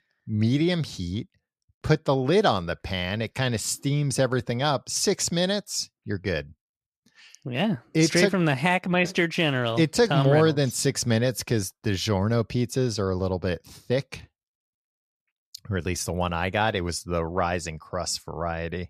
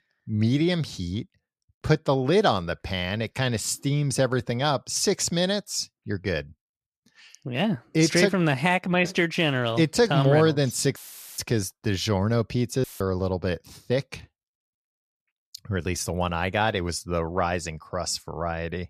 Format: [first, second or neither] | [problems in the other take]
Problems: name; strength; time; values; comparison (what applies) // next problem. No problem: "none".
first | audio cutting out; filled with static; at 11 s and at 13 s